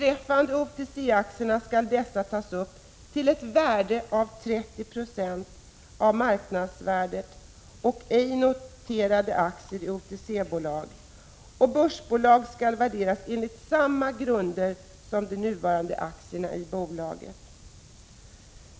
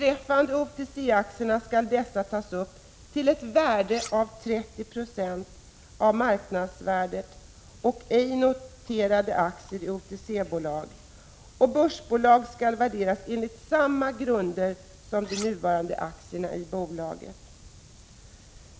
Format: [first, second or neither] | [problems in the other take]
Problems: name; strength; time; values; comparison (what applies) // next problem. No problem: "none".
first | background sound (Cutlery, silverware); 13 dB below the speech